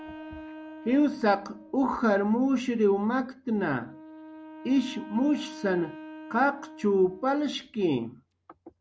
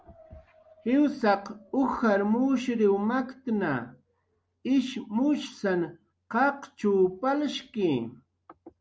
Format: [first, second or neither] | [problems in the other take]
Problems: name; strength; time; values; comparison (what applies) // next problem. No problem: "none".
second | background sound (Wind instrument, woodwind instrument); 18 dB below the speech